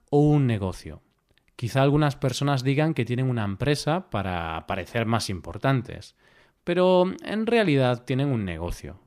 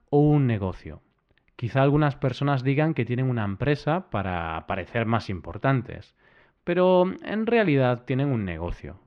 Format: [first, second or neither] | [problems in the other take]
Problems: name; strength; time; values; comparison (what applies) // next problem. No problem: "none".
first | muffled; slightly; fading above 2.5 kHz